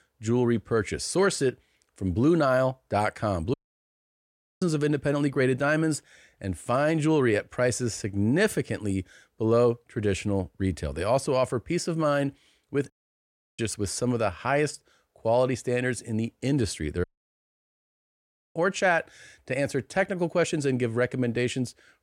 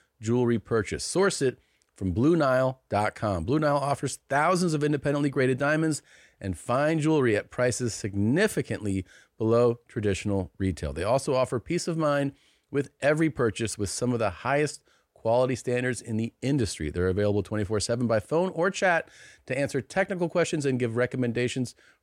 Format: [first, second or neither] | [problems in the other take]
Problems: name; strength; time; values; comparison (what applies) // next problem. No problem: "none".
second | audio cutting out; at 3.5 s for 1 s, at 13 s for 0.5 s and at 17 s for 1.5 s